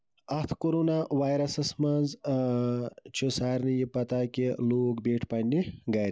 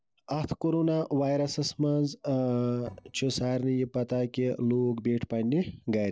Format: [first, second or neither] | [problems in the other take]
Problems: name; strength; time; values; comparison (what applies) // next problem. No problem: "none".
first | noise reduction (neural separator model SepFormer DNS4)